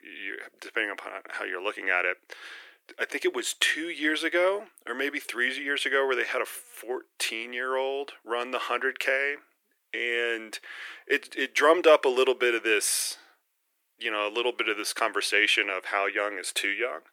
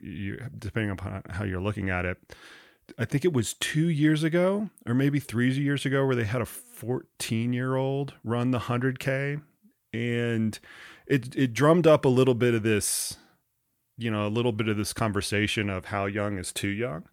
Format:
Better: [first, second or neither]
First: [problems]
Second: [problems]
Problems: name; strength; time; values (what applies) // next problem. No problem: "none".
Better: second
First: thin; very; fading below 350 Hz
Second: none